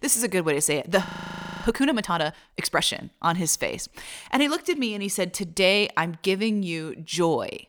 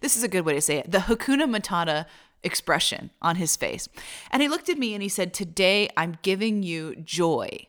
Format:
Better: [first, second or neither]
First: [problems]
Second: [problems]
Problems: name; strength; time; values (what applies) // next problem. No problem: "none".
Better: second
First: audio freezing; at 1 s for 0.5 s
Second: none